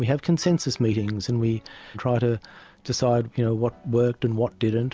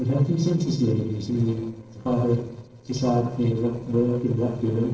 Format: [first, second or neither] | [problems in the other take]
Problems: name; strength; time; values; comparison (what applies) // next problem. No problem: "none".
first | noise reduction (neural separator model SepFormer DNS4)